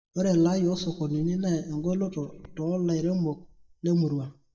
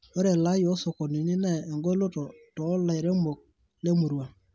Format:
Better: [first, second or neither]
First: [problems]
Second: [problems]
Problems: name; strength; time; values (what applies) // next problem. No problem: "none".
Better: second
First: noise reduction (neural mask model DeepFilterNet 3)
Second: none